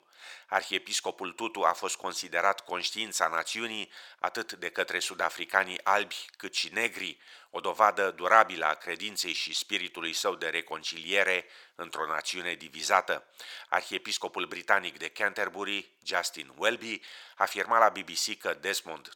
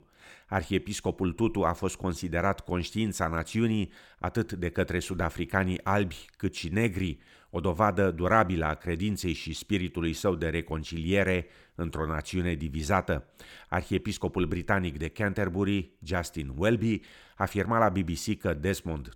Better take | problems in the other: second | thin; very; fading below 750 Hz

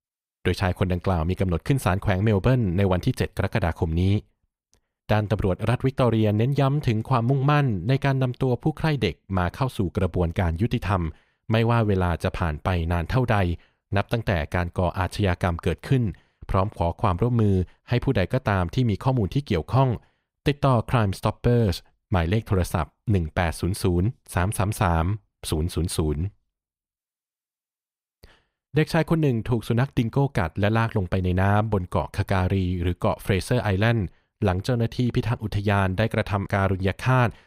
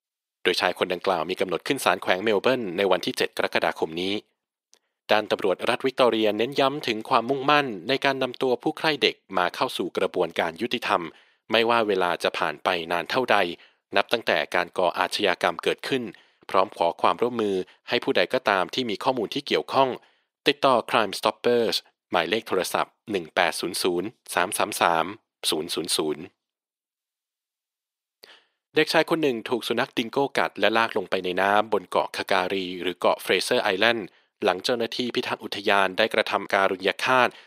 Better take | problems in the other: first | thin; very; fading below 350 Hz

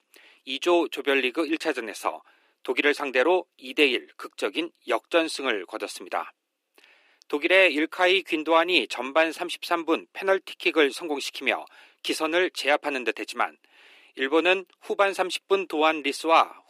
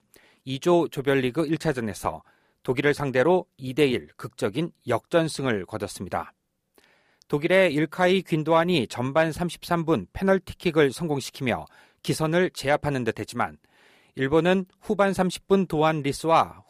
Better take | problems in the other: second | thin; somewhat; fading below 300 Hz

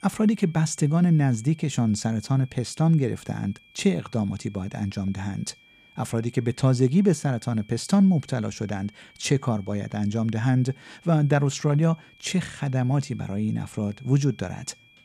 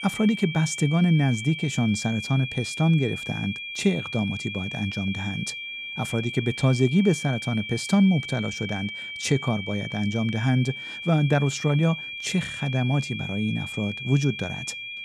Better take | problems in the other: first | high-pitched whine; loud; throughout; 2.5 kHz, 8 dB below the speech; faint in the first

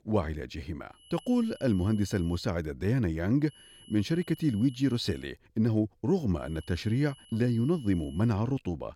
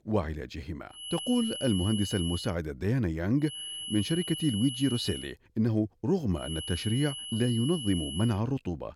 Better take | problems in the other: first | high-pitched whine; loud; from 1 to 2.5 s, from 3.5 to 5 s and from 6.5 to 8.5 s; 3 kHz, 6 dB below the speech; faint in the first

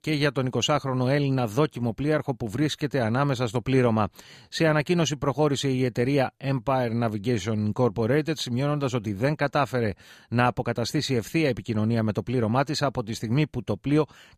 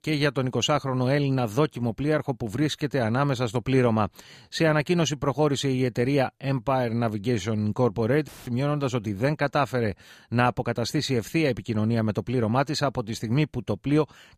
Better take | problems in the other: first | audio cutting out; filled with static; at 8.5 s

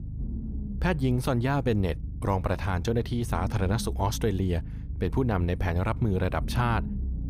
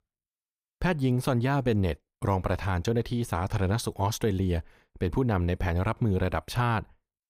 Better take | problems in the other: second | low rumble; noticeable; throughout; 15 dB below the speech

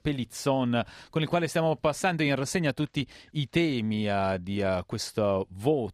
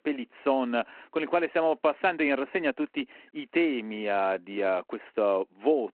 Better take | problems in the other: first | phone-call audio

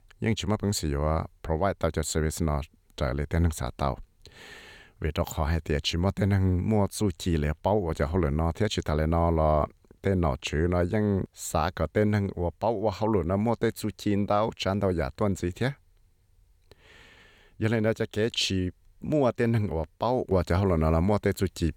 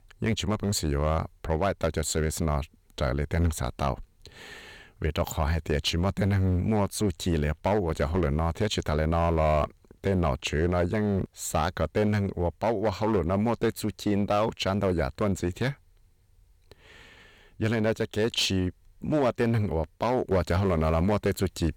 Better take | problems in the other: first | distortion; slight; 8% of the sound clipped

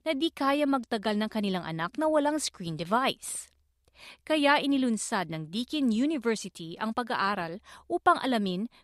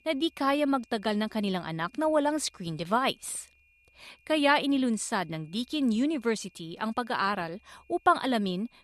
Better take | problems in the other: first | high-pitched whine; faint; throughout; 2.5 kHz, 35 dB below the speech

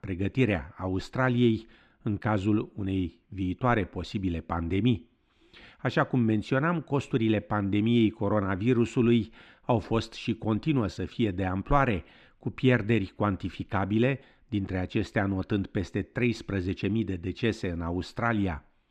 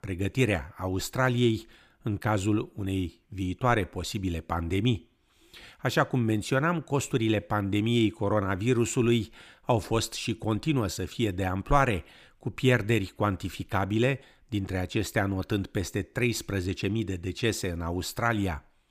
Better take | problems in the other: second | muffled; slightly; fading above 3.5 kHz

